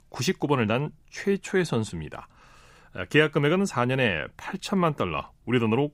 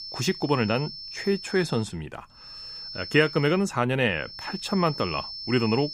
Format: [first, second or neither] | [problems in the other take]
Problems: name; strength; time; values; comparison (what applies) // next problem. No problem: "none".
first | high-pitched whine; noticeable; until 2 s, from 2.5 to 3.5 s and from 4.5 s on; 5.5 kHz, 10 dB below the speech